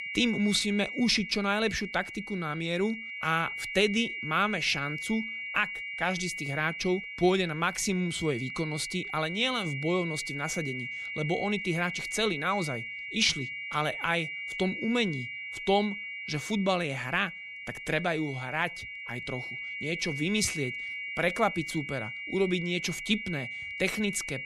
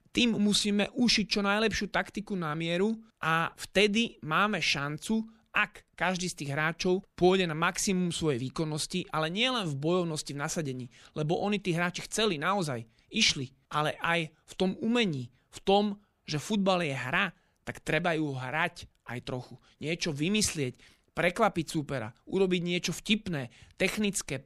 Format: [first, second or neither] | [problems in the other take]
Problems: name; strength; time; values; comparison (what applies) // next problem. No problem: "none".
second | high-pitched whine; loud; throughout; 2 kHz, 6 dB below the speech